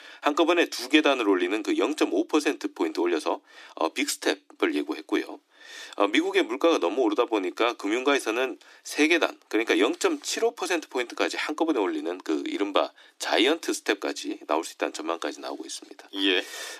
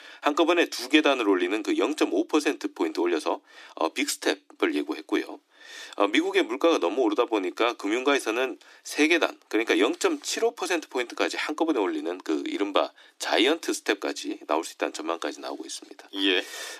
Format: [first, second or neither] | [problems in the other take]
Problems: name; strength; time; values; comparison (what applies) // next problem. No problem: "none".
neither | thin; somewhat; fading below 300 Hz; the same in both